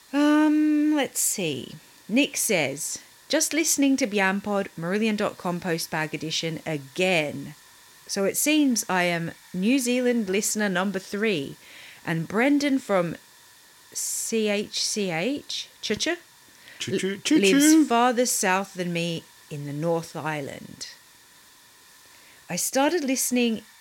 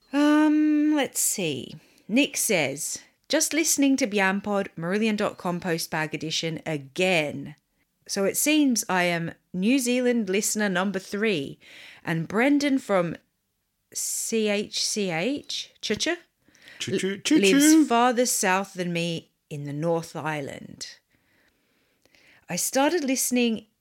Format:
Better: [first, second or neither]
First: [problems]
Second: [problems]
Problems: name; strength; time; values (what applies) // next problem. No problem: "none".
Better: second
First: hiss; faint; throughout; 25 dB below the speech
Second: none